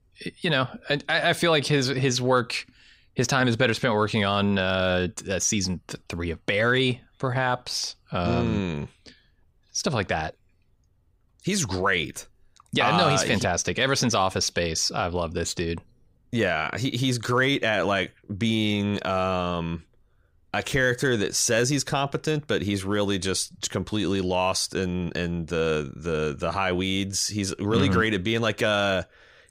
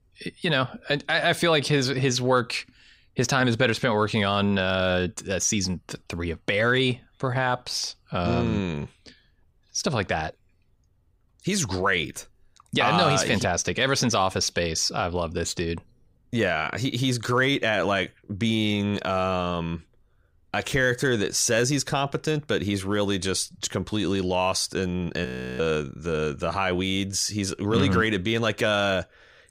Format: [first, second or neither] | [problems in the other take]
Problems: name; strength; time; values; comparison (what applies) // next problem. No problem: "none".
first | audio freezing; at 25 s